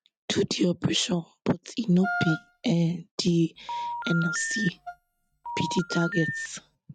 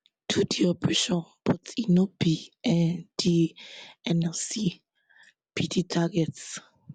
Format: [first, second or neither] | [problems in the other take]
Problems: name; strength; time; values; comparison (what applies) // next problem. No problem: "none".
second | noise reduction (neural mask model RNNoise)